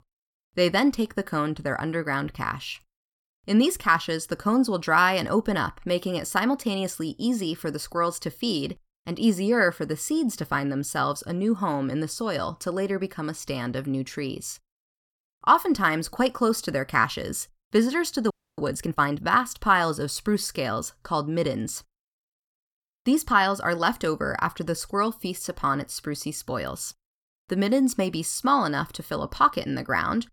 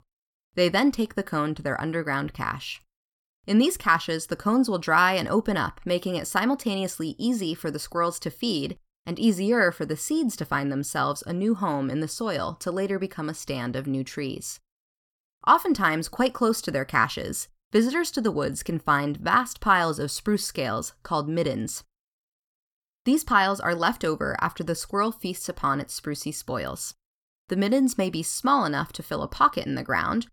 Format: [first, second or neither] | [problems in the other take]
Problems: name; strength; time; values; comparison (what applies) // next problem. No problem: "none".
second | audio freezing; at 18 s